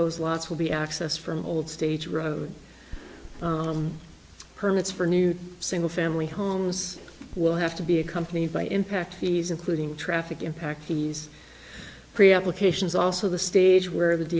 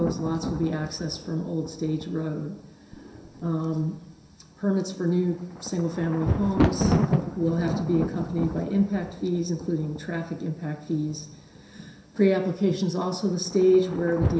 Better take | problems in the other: first | background sound (Thunder); 5 dB below the speech // room echo; dies away in 0.7 s

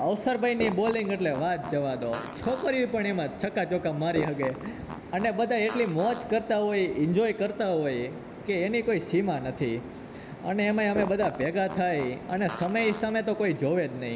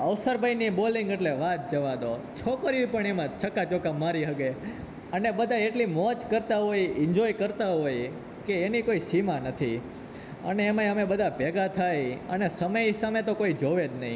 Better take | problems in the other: second | background sound (Fart); 12 dB below the speech

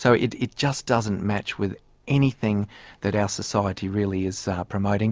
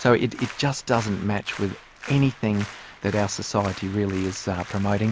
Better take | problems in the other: first | background sound (Applause); 16 dB below the speech

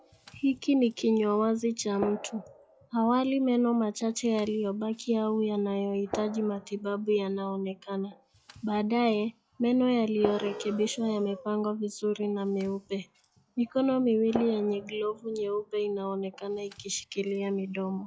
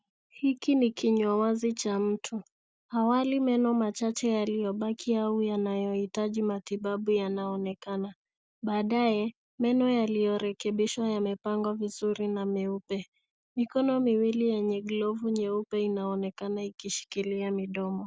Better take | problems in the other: second | noise reduction (classical method log-MMSE)

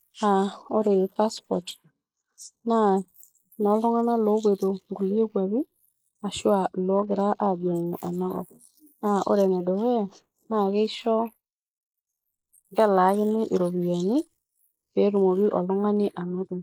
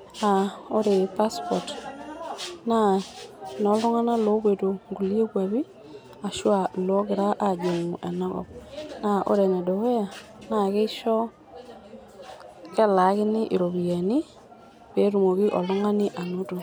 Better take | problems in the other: second | noise reduction (neural mask model Resemble Enhance denoiser)

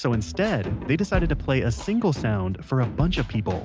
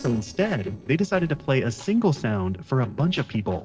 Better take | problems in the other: first | noise reduction (neural separator model SepFormer DNS4)

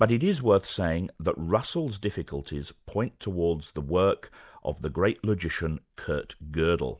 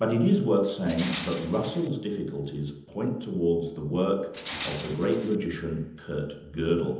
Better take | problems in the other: first | background sound (Tools); 11 dB below the speech // room echo; dies away in 0.9 s

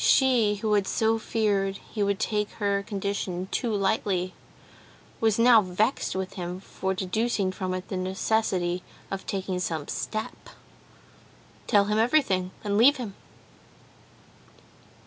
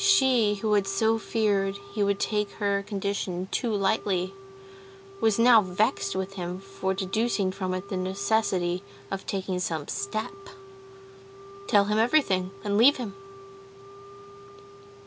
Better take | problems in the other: first | background sound (Wind instrument, woodwind instrument); 19 dB below the speech

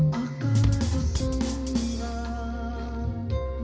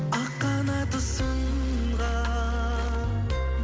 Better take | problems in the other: second | background sound (Drum kit); 6 dB below the speech // room echo; dies away in 0.4 s

